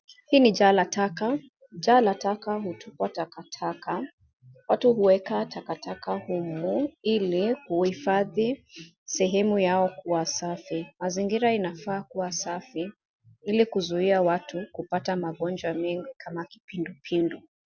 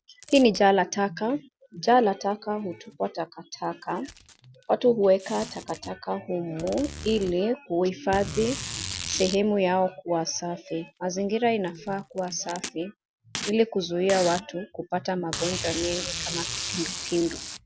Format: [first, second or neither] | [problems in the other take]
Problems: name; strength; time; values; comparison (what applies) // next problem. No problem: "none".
first | background sound (Packing tape, duct tape); 12 dB below the speech